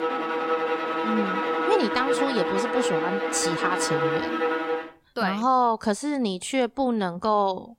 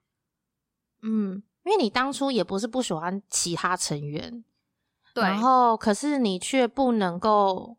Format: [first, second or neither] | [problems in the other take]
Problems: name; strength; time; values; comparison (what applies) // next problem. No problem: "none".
second | background music; very loud; throughout; as loud as the speech